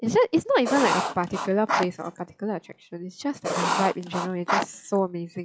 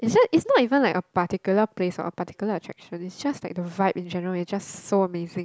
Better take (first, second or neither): second